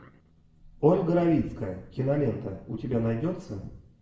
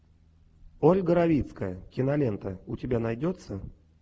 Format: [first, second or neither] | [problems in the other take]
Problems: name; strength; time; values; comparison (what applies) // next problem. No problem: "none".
second | room echo; dies away in 0.7 s